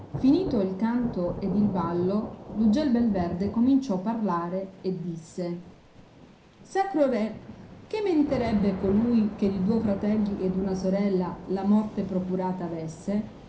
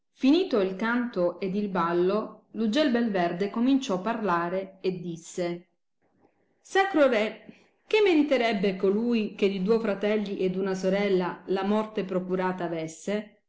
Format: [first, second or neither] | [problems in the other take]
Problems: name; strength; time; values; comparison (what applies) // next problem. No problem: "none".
second | background sound (Thunder / Rain); 13 dB below the speech // room echo; dies away in 0.3 s